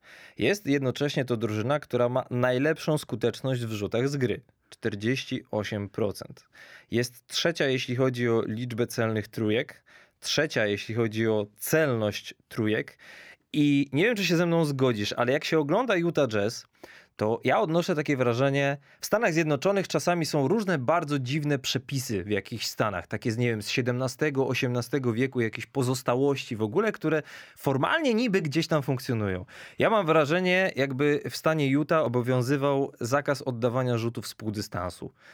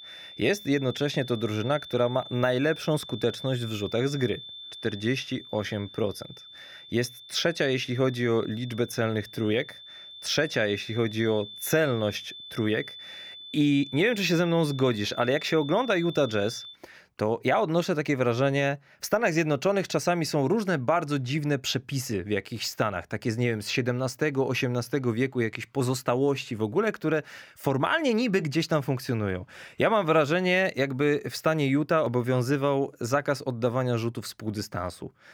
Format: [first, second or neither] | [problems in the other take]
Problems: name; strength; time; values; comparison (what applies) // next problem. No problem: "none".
first | high-pitched whine; noticeable; until 17 s; 3.5 kHz, 15 dB below the speech